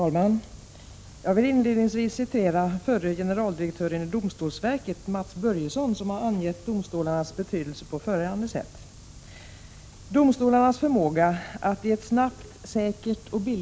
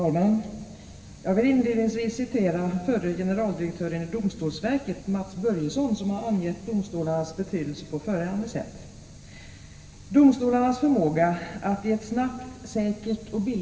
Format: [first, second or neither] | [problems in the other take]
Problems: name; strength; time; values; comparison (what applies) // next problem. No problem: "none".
first | room echo; dies away in 2.5 s